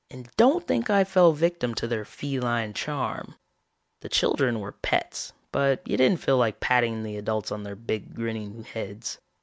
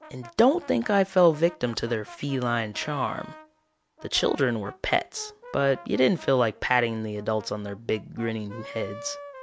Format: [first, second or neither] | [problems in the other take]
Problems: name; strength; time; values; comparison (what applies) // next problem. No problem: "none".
first | background sound (Brass instrument); 19 dB below the speech